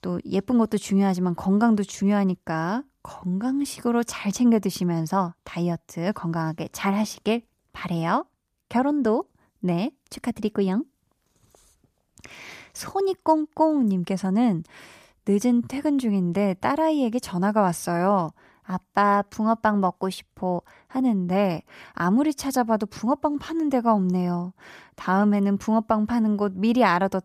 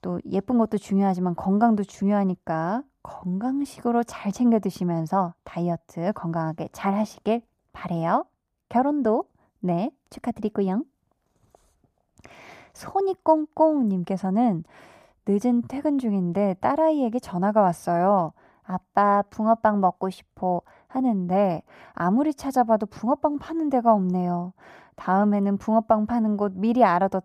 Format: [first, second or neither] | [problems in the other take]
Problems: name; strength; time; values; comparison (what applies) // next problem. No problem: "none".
first | muffled; slightly; fading above 2 kHz